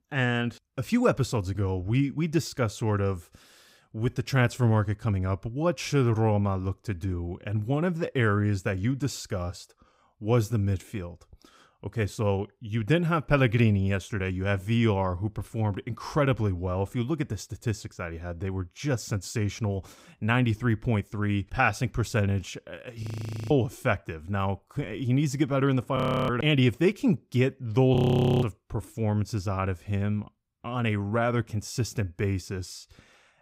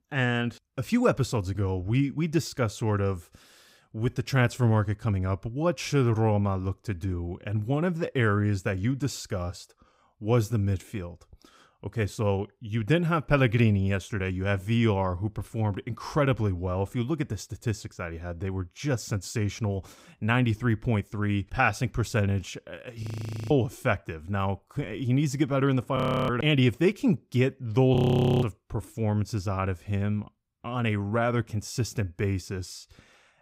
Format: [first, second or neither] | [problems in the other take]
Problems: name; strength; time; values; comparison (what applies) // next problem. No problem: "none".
neither | audio freezing; at 23 s, at 26 s and at 28 s; the same in both